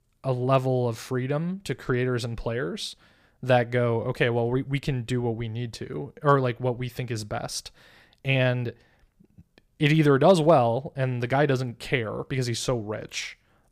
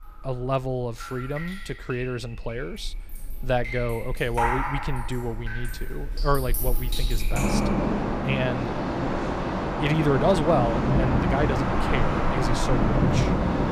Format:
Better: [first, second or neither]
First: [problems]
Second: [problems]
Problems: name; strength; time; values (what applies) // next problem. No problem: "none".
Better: first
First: none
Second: rain or running water; very loud; throughout; 2 dB above the speech